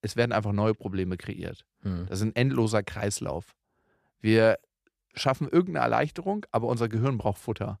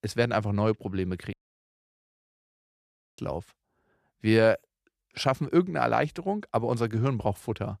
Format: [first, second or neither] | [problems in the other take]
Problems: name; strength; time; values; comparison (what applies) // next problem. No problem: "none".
first | audio cutting out; at 1.5 s for 2 s